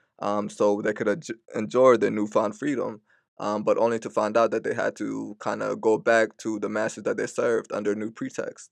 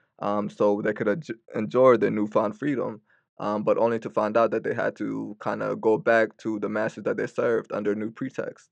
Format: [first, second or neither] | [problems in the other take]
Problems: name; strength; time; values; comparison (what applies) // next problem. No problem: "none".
first | muffled; slightly; fading above 3.5 kHz